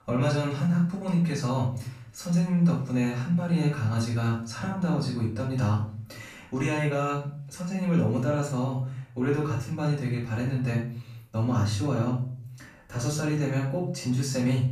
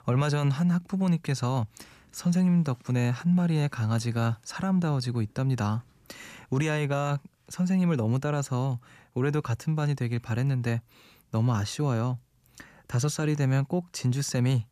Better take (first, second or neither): second